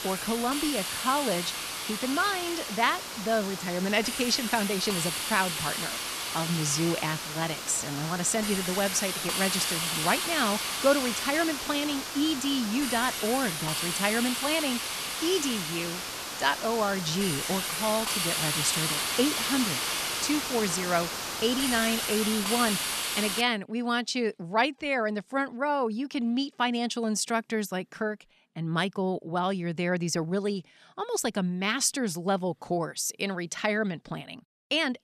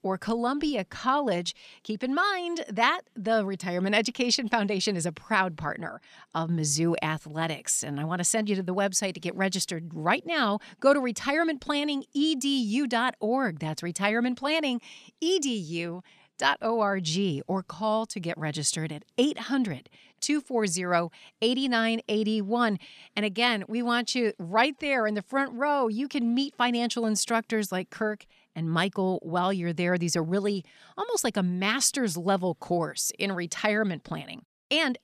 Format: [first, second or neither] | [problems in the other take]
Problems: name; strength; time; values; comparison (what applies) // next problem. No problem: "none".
second | hiss; loud; until 23 s; 1 dB below the speech